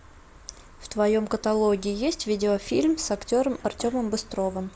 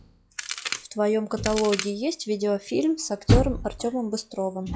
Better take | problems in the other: first | noise reduction (classical method log-MMSE)

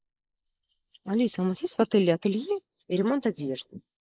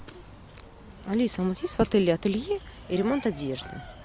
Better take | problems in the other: second | noise reduction (neural mask model Resemble Enhance denoiser)

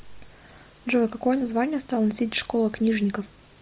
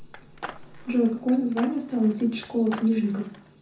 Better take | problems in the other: first | background sound (Skateboard); 17 dB below the speech // room echo; dies away in 0.6 s

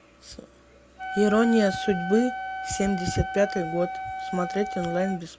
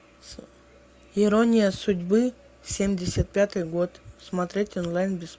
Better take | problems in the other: second | background sound (Wind instrument, woodwind instrument); 8 dB below the speech

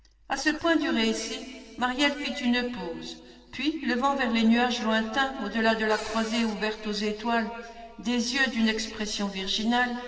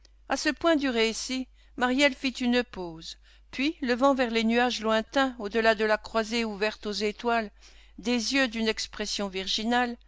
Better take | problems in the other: second | noise reduction (neural separator model SepFormer DNS4)

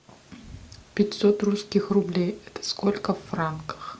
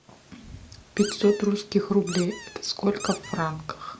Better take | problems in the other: first | background sound (Squeak); 13 dB below the speech

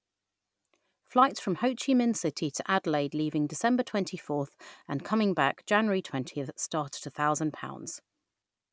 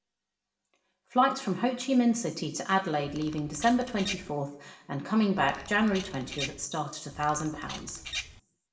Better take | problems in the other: first | background sound (Bird vocalization, bird call, bird song); 12 dB below the speech // room echo; dies away in 0.6 s

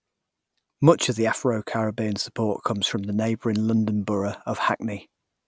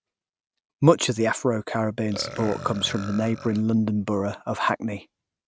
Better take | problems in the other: first | noise reduction (neural mask model RNNoise)

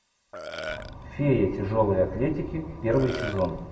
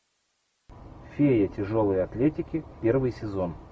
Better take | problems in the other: second | background sound (Burping, eructation); 11 dB below the speech // room echo; dies away in 0.8 s

